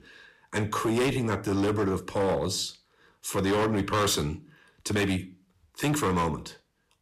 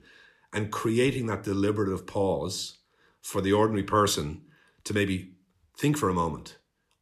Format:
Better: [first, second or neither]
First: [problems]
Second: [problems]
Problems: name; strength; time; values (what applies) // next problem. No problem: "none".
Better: second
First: distortion; heavy; 12% of the sound clipped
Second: none